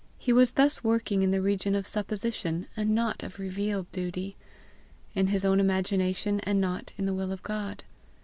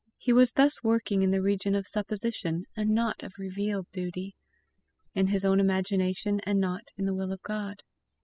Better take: first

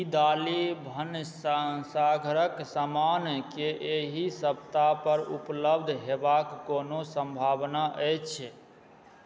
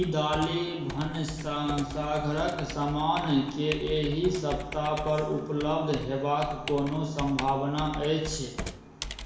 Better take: first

